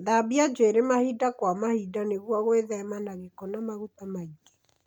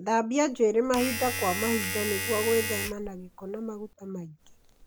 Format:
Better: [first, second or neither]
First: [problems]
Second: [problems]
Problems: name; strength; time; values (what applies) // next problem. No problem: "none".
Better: first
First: none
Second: background sound (Domestic sounds, home sounds); 7 dB below the speech